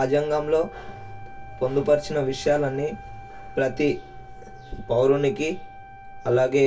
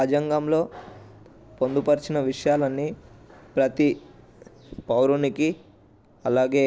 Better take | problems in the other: second | background sound (Wind instrument, woodwind instrument); 20 dB below the speech // room echo; dies away in 0.1 s

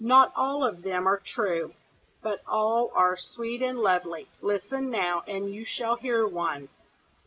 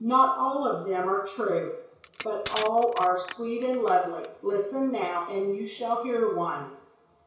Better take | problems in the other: first | background sound (Crushing); 15 dB below the speech // room echo; dies away in 0.6 s

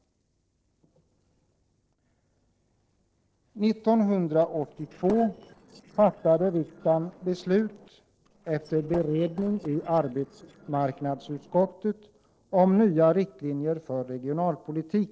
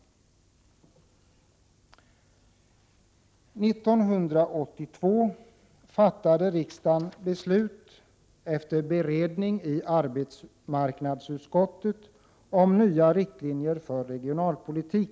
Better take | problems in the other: second | noise reduction (neural separator model SepFormer DNS4)

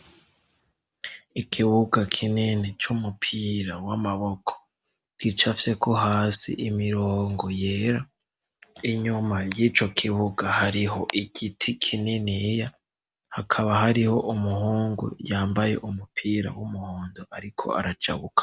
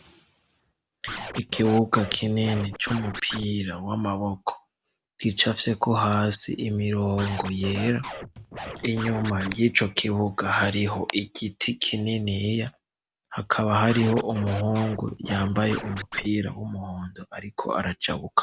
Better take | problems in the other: first | background sound (Scratching (performance technique)); 11 dB below the speech

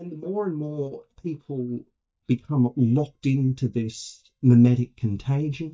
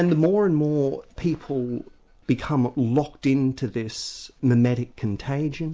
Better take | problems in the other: second | noise reduction (neural mask model DeepFilterNet 3)

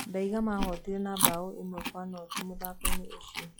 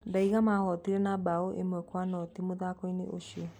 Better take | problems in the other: second | noise reduction (classical method log-MMSE)

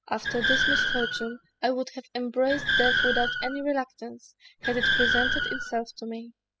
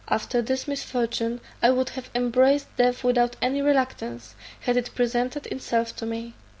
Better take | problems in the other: second | noise reduction (classical method spectral subtraction)

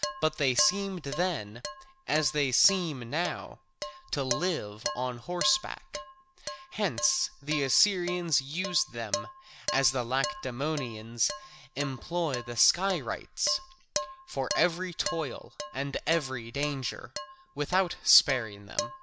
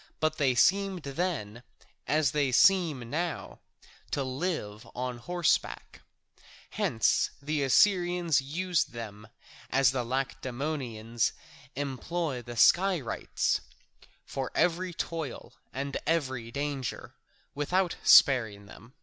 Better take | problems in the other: second | background sound (Dishes, pots, and pans); 9 dB below the speech

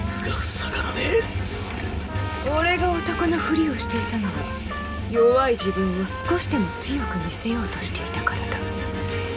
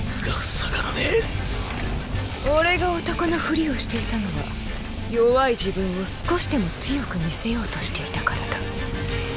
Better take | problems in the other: second | background sound (Trumpet); 12 dB below the speech // room echo; dies away in 0.3 s

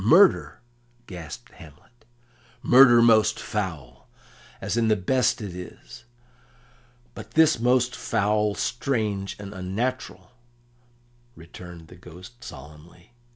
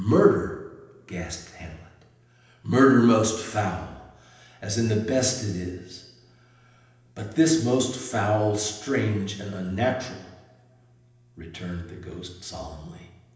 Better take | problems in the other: first | room echo; dies away in 0.9 s

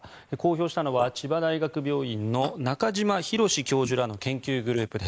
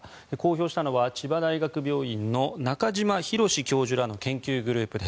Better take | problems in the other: second | noise reduction (neural mask model Resemble Enhance denoiser)

